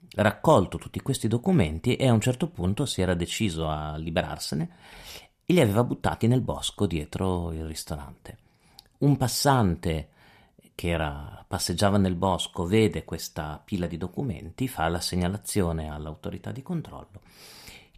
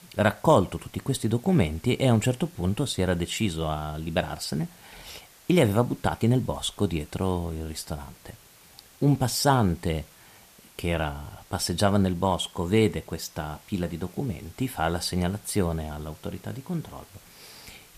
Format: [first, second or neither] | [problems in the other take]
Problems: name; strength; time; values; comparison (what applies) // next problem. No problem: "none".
first | hiss; faint; throughout; 25 dB below the speech